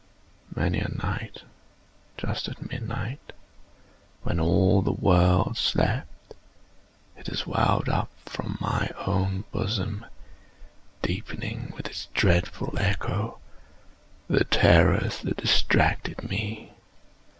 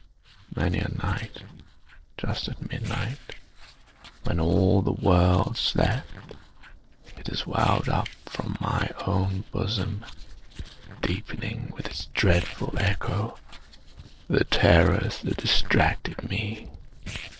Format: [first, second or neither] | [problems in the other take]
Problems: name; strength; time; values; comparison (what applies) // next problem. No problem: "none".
first | noise reduction (neural separator model SepFormer DNS4)